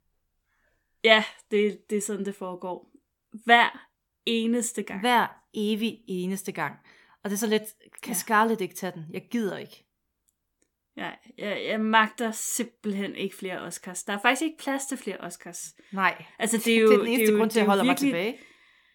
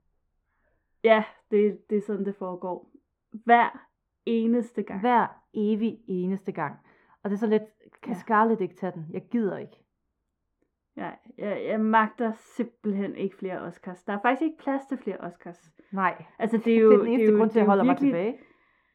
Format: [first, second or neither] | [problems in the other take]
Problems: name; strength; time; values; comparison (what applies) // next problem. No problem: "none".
first | muffled; very; fading above 3 kHz